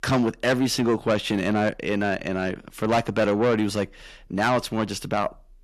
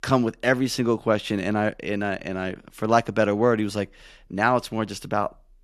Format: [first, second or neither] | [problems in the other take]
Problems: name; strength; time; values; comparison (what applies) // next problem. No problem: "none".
second | distortion; heavy; 8 dB below the speech